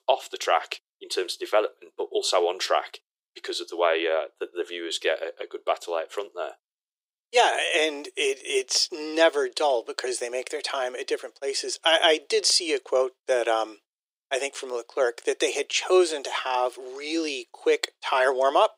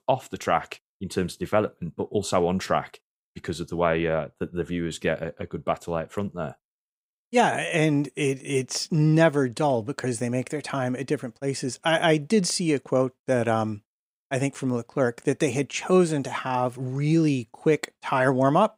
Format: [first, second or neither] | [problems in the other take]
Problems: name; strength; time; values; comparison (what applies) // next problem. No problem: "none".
second | thin; very; fading below 350 Hz